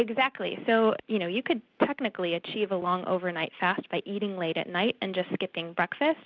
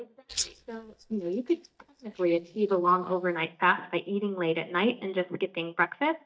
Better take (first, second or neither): first